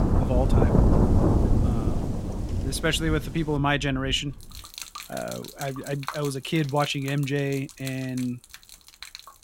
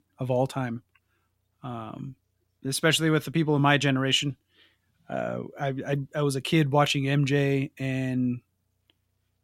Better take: second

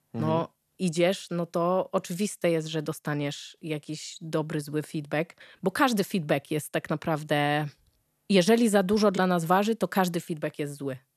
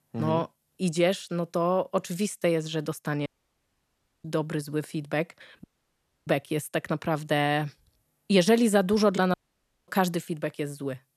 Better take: first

